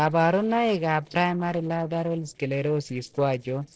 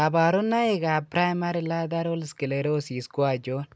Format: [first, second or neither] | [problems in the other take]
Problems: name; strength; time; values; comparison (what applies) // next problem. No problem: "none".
second | noise reduction (neural separator model SepFormer DNS4)